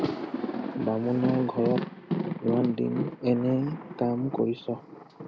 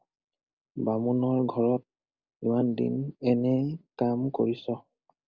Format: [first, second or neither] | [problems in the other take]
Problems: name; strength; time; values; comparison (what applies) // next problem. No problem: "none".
second | background sound (Thunder); 5 dB below the speech